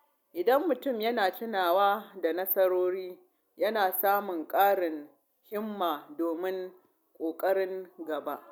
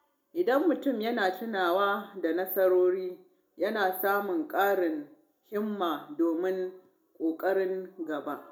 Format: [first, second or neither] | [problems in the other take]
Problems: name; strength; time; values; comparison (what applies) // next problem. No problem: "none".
first | room echo; dies away in 0.3 s